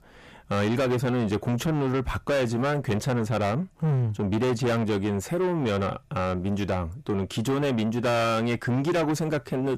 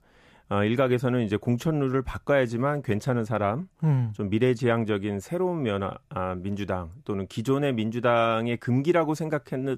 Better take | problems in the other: second | distortion; heavy; 7 dB below the speech

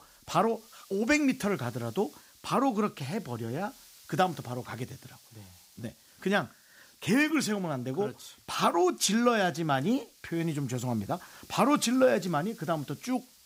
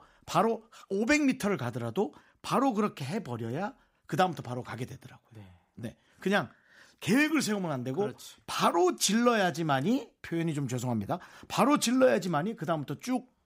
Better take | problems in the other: second | hiss; faint; throughout; 25 dB below the speech

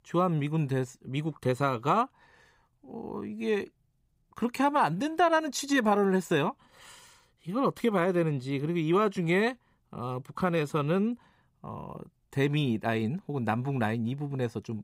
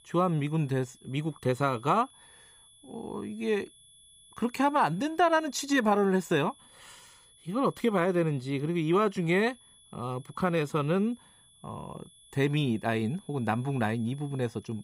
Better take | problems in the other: first | high-pitched whine; faint; throughout; 3.5 kHz, 25 dB below the speech

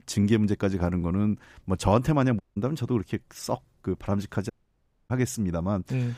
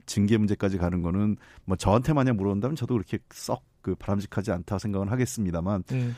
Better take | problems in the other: second | audio cutting out; at 2.5 s and at 4.5 s for 0.5 s

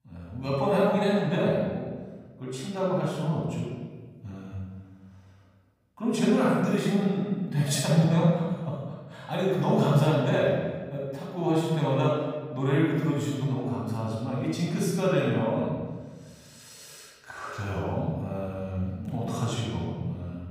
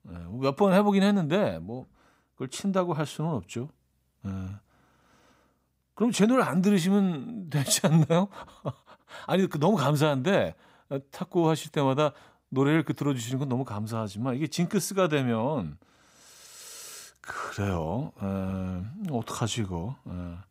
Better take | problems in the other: second | off-mic speech; far // room echo; strong; dies away in 1.4 s

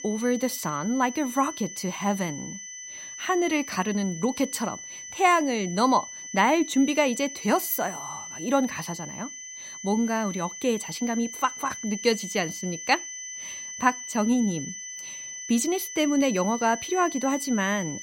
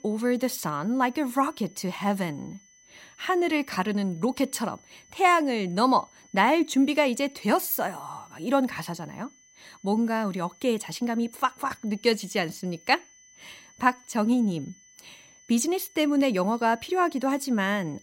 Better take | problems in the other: second | high-pitched whine; loud; throughout; 6 kHz, 10 dB below the speech; faint in the second

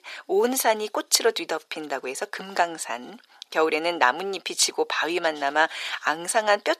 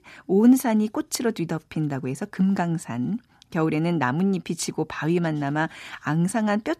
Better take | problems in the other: second | thin; very; fading below 500 Hz

